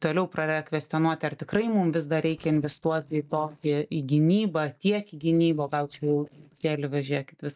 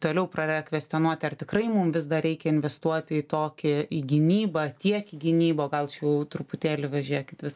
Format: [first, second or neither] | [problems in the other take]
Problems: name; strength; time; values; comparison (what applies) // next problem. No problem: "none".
second | noise reduction (neural mask model DeepFilterNet 3)